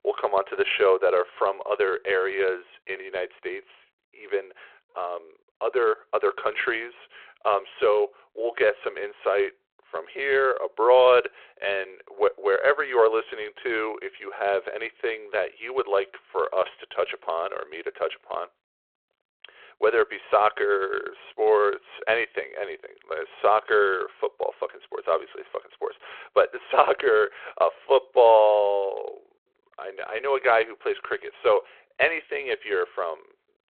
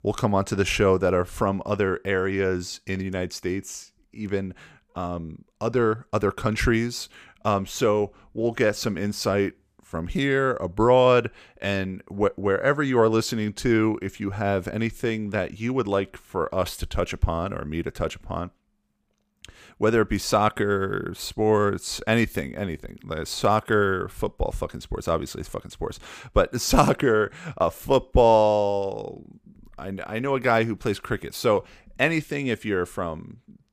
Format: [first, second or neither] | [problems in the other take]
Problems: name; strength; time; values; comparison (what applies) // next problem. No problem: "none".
second | phone-call audio